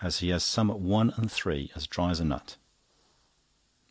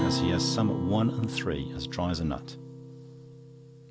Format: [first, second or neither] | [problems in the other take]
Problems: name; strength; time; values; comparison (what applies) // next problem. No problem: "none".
first | background sound (Acoustic guitar); 2 dB below the speech